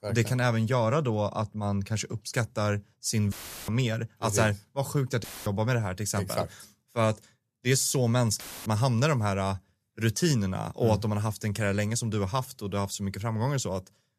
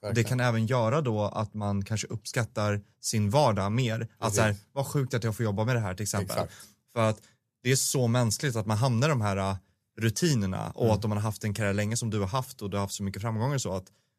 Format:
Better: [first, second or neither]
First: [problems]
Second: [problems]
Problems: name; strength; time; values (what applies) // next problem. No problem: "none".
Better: second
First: audio cutting out; filled with static; at 3.5 s, at 5 s and at 8.5 s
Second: none